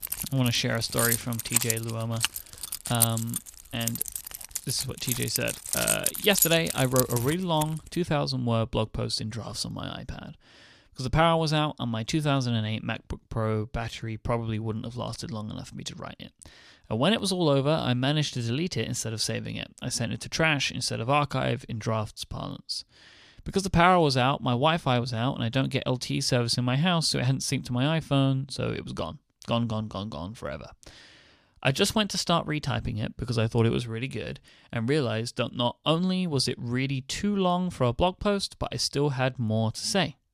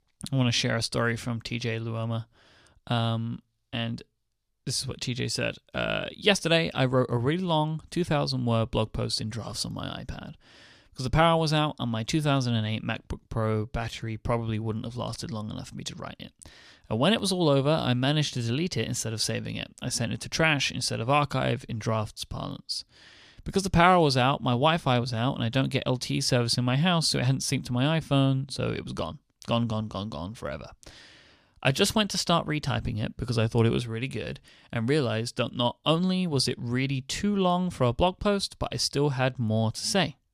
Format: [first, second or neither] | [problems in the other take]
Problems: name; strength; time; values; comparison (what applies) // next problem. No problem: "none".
second | jangling keys; loud; until 7.5 s; peak 3 dB above the speech